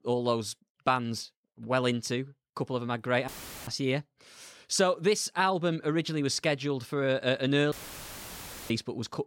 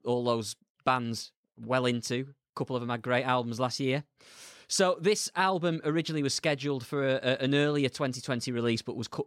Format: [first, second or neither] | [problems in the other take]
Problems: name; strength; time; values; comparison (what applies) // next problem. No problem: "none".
second | audio cutting out; filled with static; at 3.5 s and at 7.5 s for 1 s